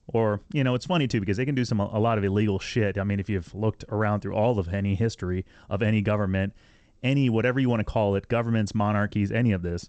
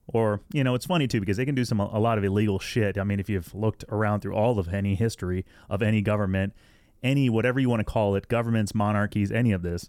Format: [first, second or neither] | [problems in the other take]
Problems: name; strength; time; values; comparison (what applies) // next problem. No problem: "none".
second | garbled, watery; slightly; nothing above 17 kHz